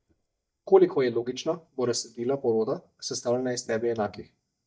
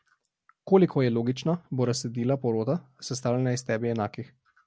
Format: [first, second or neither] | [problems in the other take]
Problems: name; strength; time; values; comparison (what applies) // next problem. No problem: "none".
second | noise reduction (neural mask model DeepFilterNet 3)